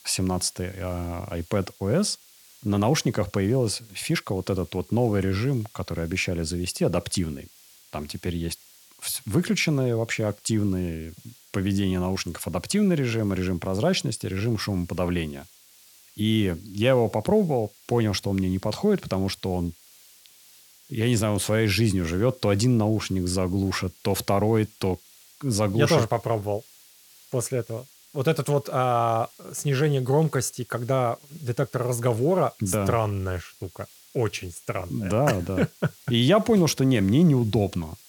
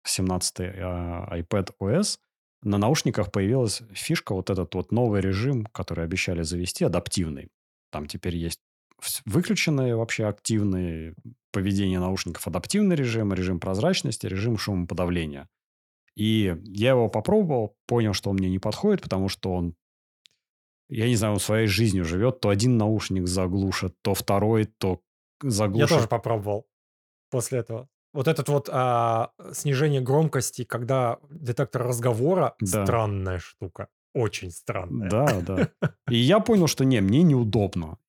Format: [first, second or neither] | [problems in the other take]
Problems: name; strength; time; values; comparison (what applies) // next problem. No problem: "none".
second | hiss; faint; throughout; 25 dB below the speech